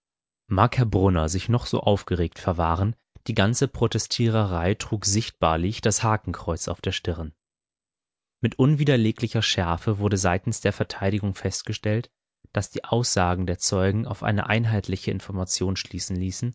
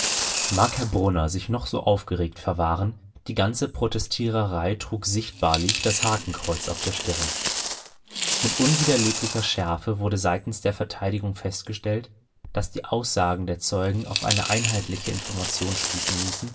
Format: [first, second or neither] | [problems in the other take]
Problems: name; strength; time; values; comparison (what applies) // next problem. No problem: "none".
first | background sound (Coin (dropping)); 5 dB below the speech // room echo; dies away in 0.2 s